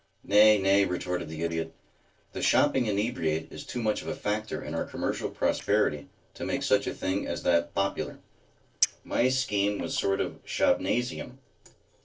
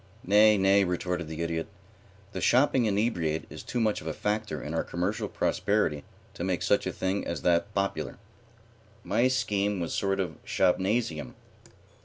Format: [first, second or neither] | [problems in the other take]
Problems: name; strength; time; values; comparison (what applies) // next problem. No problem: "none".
second | noise reduction (neural separator model SepFormer DNS4)